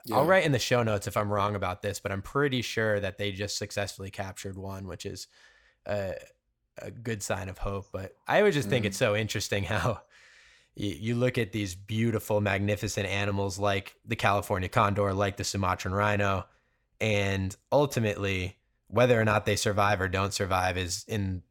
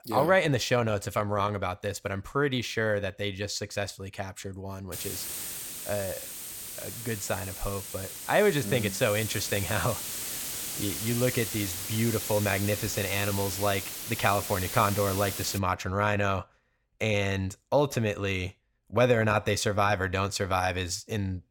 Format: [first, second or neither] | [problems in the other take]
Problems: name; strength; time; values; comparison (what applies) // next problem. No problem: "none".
first | hiss; loud; from 5 to 16 s; 6 dB below the speech